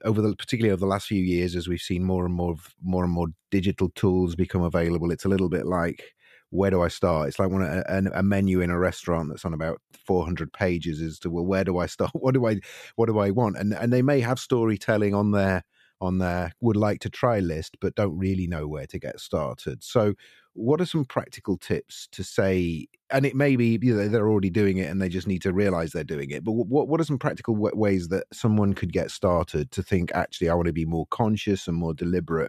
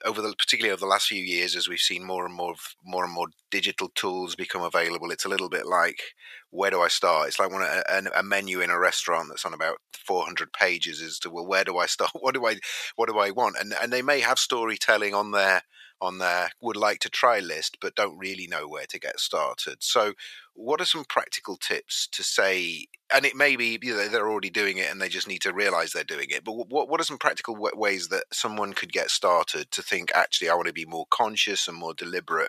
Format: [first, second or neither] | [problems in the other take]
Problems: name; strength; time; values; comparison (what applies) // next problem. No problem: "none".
first | thin; very; fading below 900 Hz